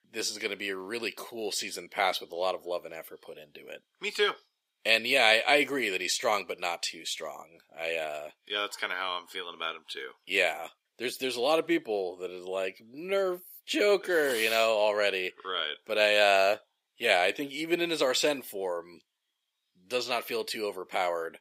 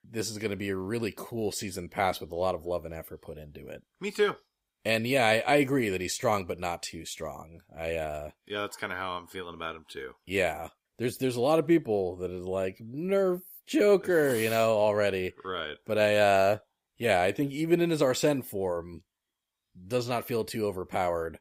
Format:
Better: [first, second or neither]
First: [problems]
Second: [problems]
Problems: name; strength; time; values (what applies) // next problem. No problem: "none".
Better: second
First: thin; somewhat; fading below 350 Hz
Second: none